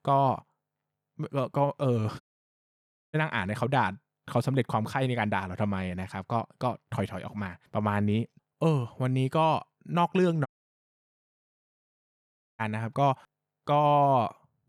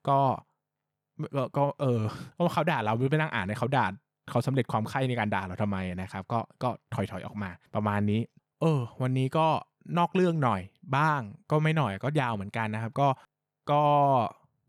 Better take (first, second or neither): second